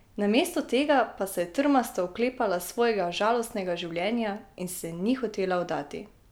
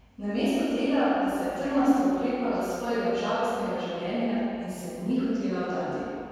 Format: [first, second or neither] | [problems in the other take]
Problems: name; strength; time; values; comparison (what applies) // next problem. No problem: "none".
first | room echo; dies away in 2.1 s